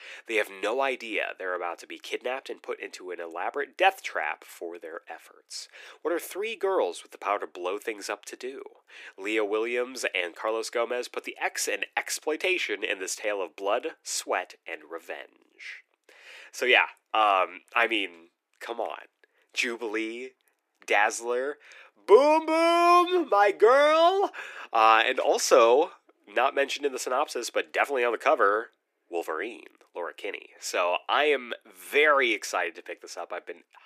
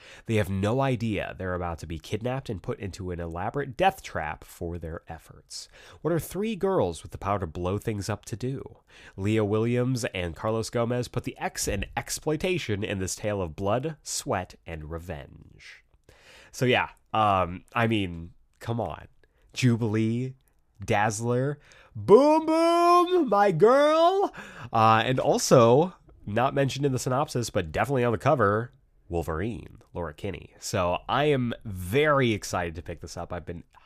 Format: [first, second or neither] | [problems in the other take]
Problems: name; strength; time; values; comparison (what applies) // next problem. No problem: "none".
second | thin; very; fading below 350 Hz